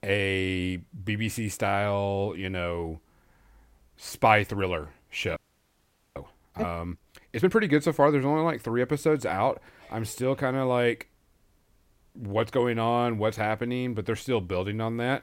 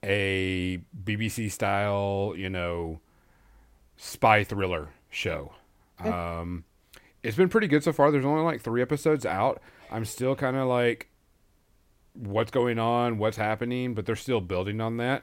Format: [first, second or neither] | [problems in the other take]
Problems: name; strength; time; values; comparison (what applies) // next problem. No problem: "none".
second | audio freezing; at 5.5 s for 1 s